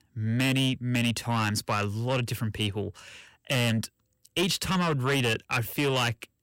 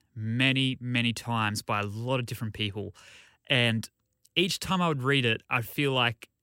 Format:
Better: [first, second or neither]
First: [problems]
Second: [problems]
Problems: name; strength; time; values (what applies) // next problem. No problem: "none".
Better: second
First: distortion; heavy; 7 dB below the speech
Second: none